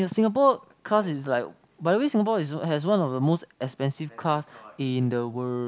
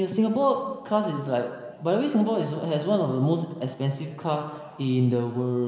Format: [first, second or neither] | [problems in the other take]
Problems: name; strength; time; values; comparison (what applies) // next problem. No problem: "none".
first | room echo; dies away in 2.1 s